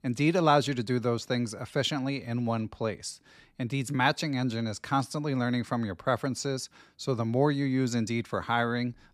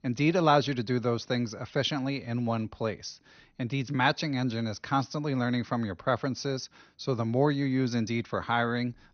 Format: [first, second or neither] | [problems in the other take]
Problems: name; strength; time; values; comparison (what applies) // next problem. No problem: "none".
first | garbled, watery; slightly; nothing above 6.5 kHz